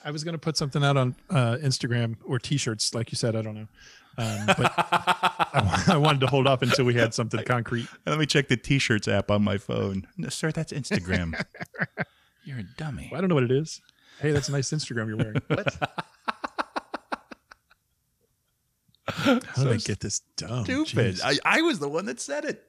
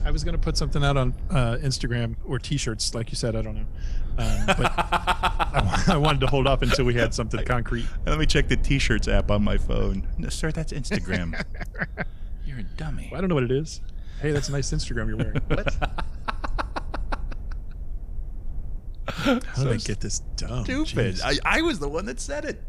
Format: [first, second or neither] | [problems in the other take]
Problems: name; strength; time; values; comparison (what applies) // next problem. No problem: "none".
first | low rumble; faint; throughout; 25 dB below the speech